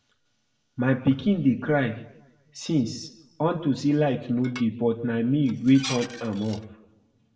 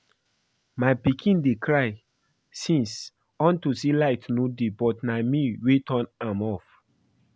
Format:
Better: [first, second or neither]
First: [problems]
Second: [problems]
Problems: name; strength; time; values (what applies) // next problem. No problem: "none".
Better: second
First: background sound (Dishes, pots, and pans); 15 dB below the speech // room echo; dies away in 0.6 s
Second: none